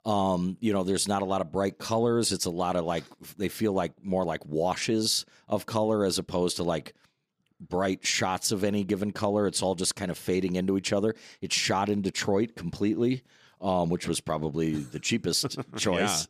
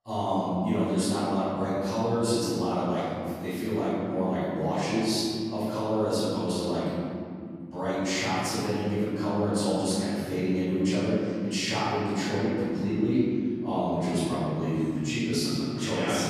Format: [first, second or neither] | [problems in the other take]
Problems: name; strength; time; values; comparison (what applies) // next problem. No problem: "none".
first | off-mic speech; far // room echo; strong; dies away in 2.8 s